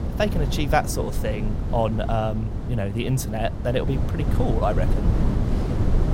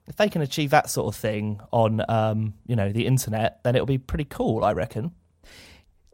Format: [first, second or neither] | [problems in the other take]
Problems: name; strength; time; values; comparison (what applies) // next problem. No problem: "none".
second | wind noise on the microphone; heavy; 9 dB below the speech